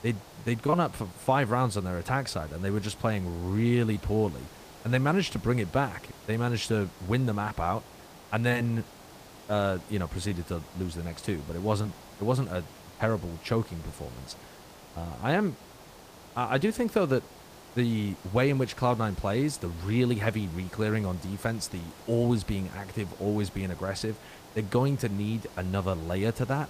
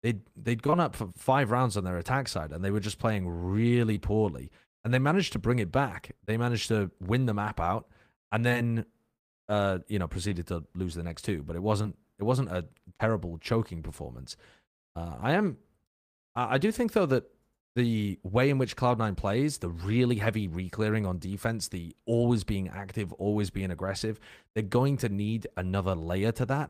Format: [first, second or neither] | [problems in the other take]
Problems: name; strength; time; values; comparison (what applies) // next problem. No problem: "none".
second | hiss; noticeable; throughout; 20 dB below the speech